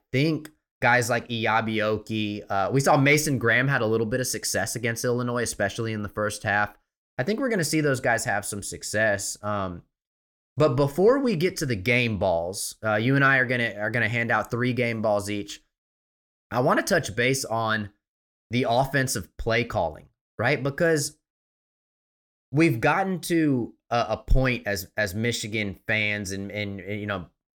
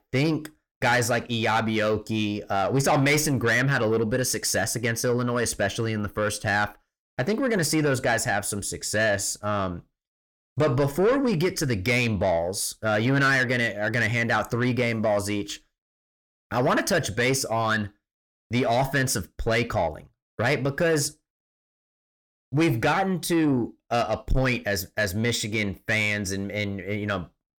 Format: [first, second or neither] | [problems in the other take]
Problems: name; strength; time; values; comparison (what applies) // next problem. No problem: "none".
first | distortion; slight; 10 dB below the speech